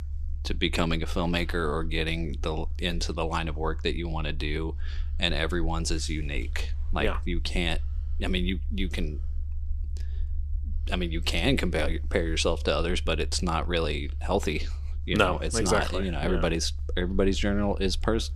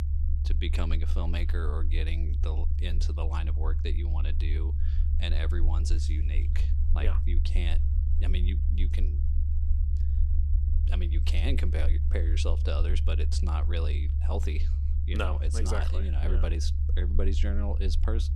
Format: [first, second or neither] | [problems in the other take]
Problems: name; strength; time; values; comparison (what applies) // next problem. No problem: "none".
first | low rumble; loud; throughout; 7 dB below the speech; faint in the first